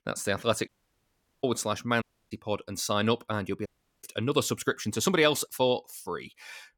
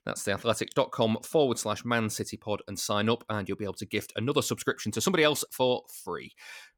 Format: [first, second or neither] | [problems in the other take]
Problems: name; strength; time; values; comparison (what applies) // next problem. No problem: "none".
second | audio cutting out; at 0.5 s for 0.5 s, at 2 s and at 3.5 s